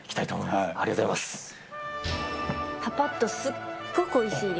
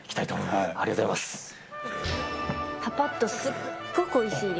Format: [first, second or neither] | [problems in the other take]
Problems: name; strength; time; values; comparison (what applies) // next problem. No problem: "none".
first | background sound (Cough); 13 dB below the speech